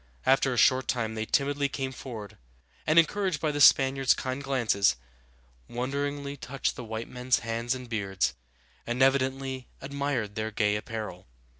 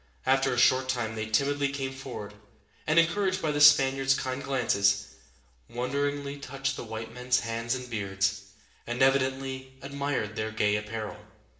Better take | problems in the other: first | room echo; dies away in 0.7 s

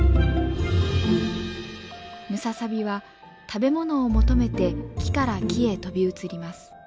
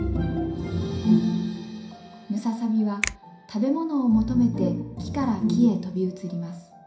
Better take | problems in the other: first | background sound (Finger snapping); 11 dB below the speech // room echo; dies away in 0.5 s

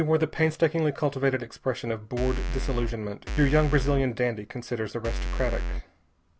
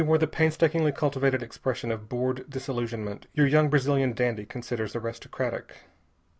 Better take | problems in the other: second | background sound (Bass drum / Keyboard (musical)); 1 dB below the speech

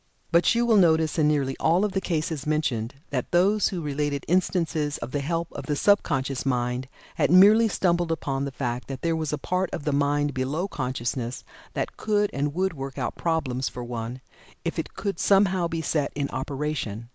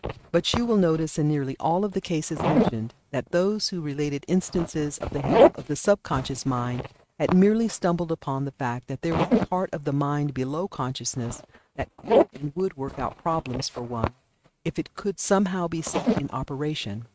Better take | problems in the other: first | noise reduction (neural mask model RNNoise)

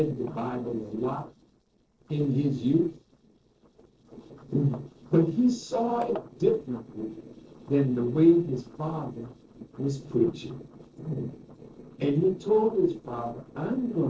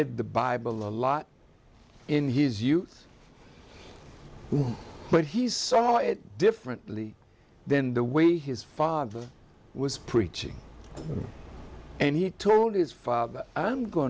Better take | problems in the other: second | noise reduction (neural separator model SepFormer DNS4)

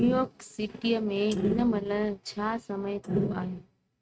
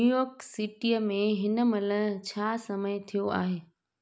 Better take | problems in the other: second | noise reduction (neural mask model RNNoise)

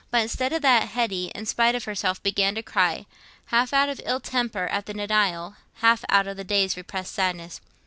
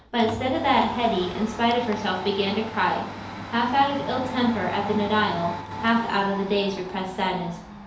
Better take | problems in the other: first | background sound (Domestic sounds, home sounds); 10 dB below the speech // room echo; dies away in 2.2 s

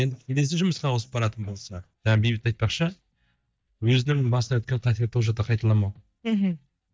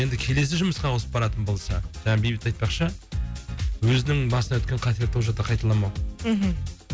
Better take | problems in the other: second | noise reduction (neural mask model DeepFilterNet 3)

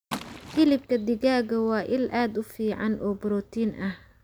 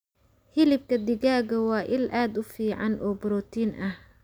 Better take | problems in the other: second | background sound (Liquid); 17 dB below the speech

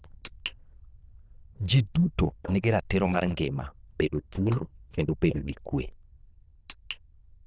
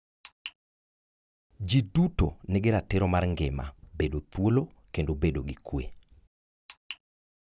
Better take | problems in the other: second | noise reduction (neural diffusion model UNIVERSE++)

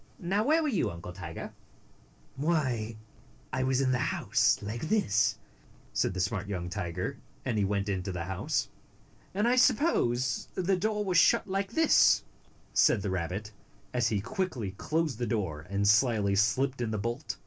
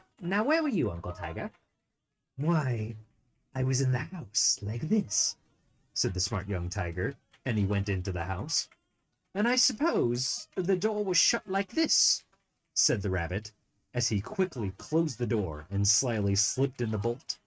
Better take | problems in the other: first | noise reduction (neural mask model RNNoise)

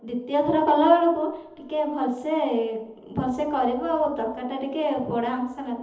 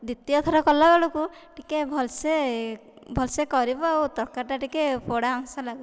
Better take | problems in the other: second | room echo; dies away in 0.8 s

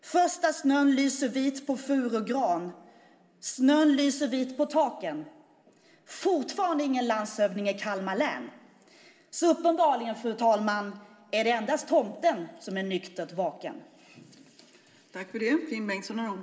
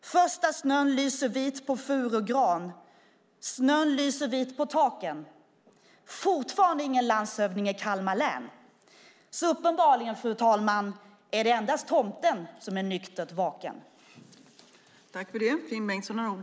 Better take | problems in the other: second | room echo; dies away in 1.9 s

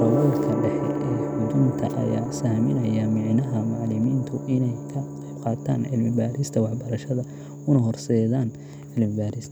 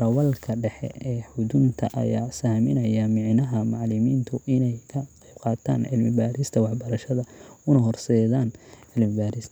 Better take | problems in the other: second | background sound (Gong); 6 dB below the speech

